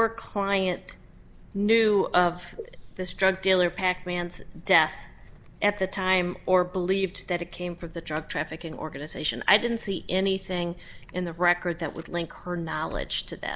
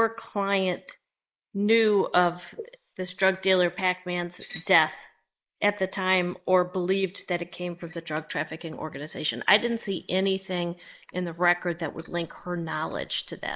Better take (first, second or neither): first